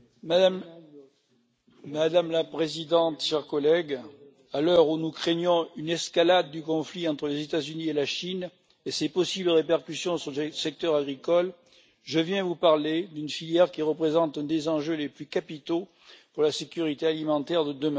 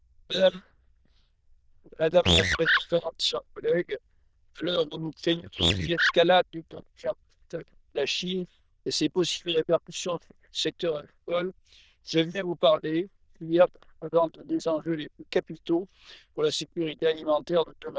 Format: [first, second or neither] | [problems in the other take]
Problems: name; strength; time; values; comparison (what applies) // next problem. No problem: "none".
first | noise reduction (neural diffusion model UNIVERSE++)